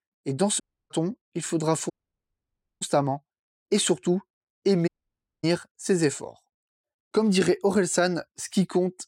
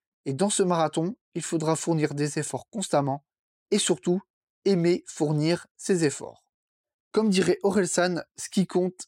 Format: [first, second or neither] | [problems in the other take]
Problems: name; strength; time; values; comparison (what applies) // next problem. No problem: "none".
second | audio cutting out; at 0.5 s, at 2 s for 1 s and at 5 s for 0.5 s